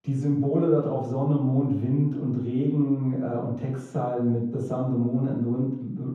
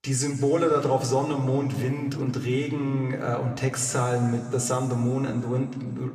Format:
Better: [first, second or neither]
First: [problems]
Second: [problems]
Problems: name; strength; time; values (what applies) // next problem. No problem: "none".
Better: second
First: room echo; strong; dies away in 0.9 s // off-mic speech; far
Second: room echo; slight; dies away in 2.1 s